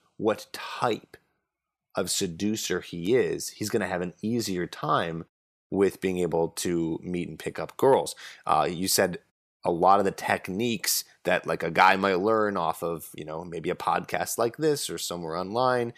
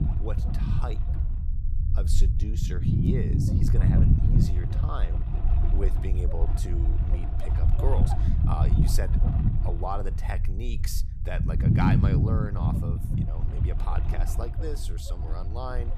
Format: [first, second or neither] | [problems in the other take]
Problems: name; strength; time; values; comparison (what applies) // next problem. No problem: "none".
first | low rumble; loud; throughout; as loud as the speech